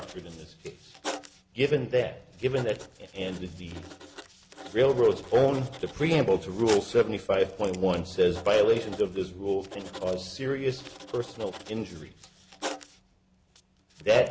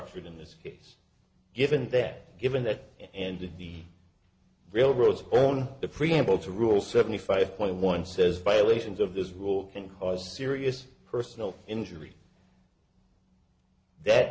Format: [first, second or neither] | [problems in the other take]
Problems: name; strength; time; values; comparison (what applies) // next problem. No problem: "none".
second | background sound (Writing); 16 dB below the speech